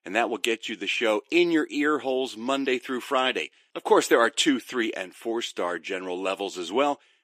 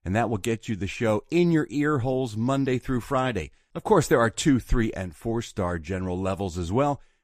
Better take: second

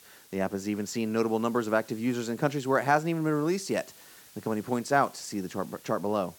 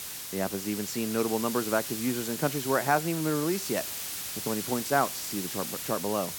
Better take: first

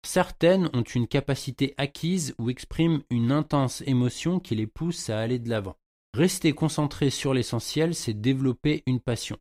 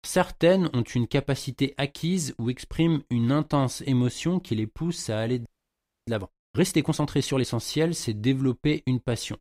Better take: first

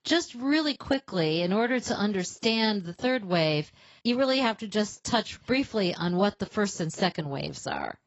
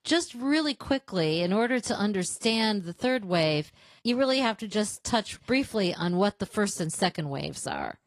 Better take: second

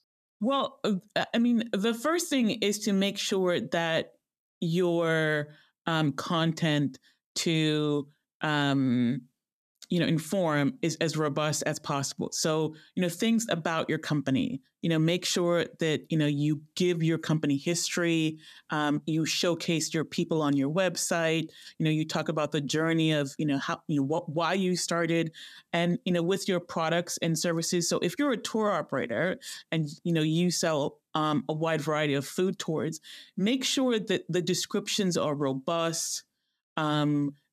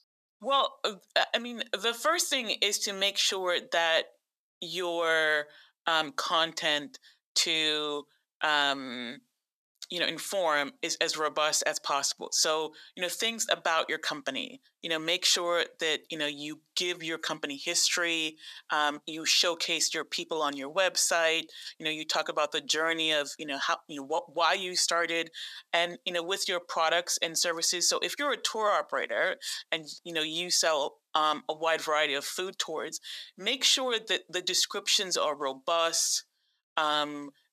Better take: first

